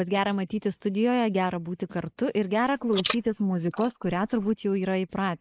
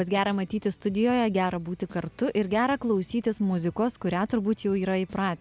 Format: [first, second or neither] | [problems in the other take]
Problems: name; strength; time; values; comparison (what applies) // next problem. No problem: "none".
second | noise reduction (neural mask model Resemble Enhance denoiser)